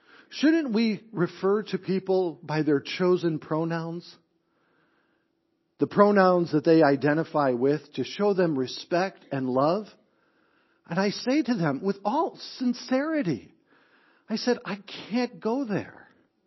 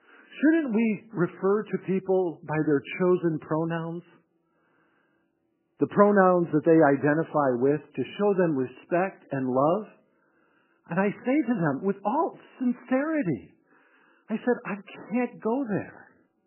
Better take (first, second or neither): first